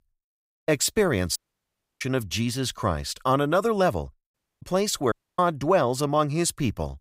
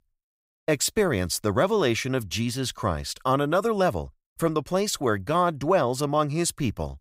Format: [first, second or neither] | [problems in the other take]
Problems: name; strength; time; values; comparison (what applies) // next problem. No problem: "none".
second | audio cutting out; at 1.5 s for 0.5 s, at 4.5 s and at 5 s